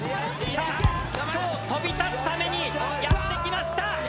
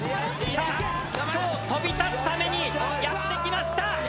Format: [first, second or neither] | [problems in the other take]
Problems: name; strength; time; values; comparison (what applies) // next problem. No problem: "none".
second | background sound (Thump, thud); 2 dB below the speech